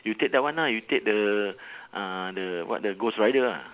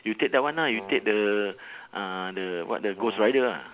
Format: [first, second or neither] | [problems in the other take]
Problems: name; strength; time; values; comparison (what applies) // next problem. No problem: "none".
first | background sound (Brass instrument); 16 dB below the speech